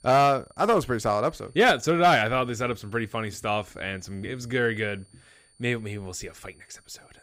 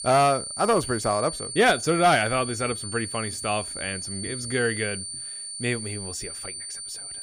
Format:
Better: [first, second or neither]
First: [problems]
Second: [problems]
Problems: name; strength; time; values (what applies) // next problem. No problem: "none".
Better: first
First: high-pitched whine; faint; throughout; 9 kHz, 35 dB below the speech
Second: high-pitched whine; loud; throughout; 9 kHz, 7 dB below the speech